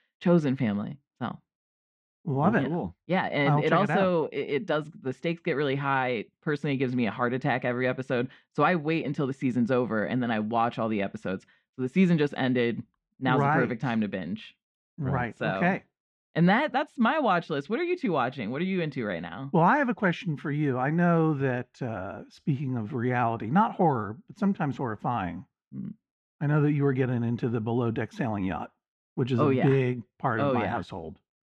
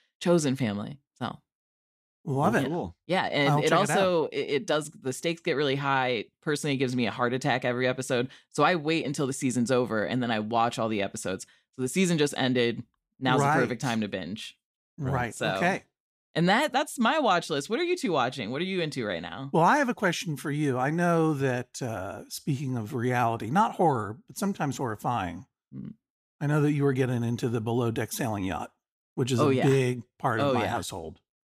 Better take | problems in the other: second | muffled; slightly; fading above 2 kHz

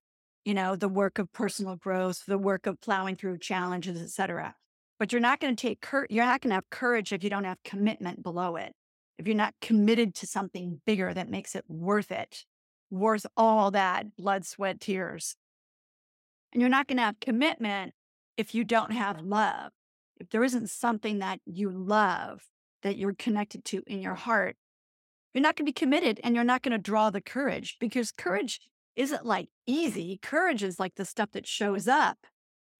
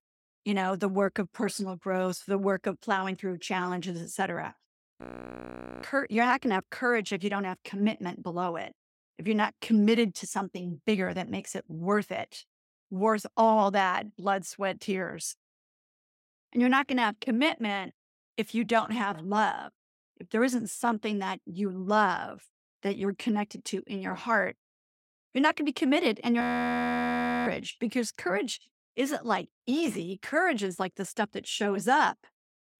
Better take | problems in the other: first | audio freezing; at 5 s for 1 s and at 26 s for 1 s

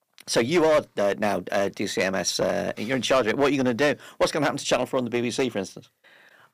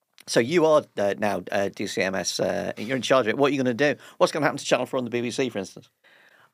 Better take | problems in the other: second | distortion; slight; 5% of the sound clipped

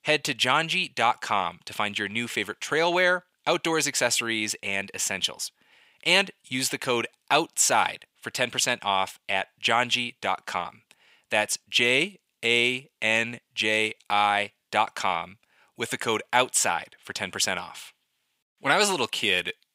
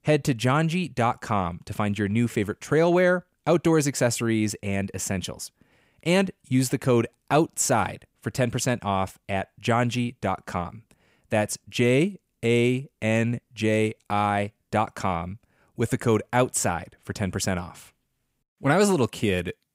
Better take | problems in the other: second | thin; somewhat; fading below 850 Hz

